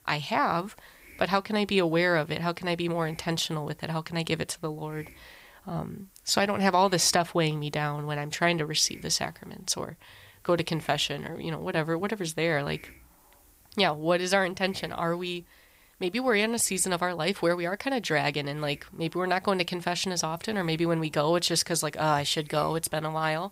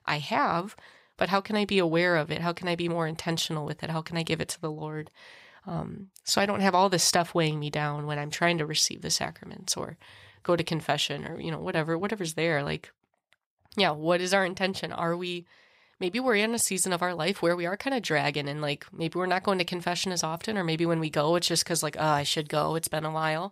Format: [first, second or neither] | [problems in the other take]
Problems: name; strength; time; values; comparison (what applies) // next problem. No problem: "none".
second | hiss; faint; throughout; 30 dB below the speech